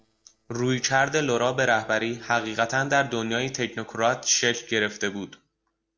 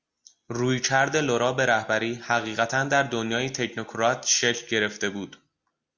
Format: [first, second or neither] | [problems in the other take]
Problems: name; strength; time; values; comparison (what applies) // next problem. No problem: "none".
second | noise reduction (neural separator model SepFormer DNS4)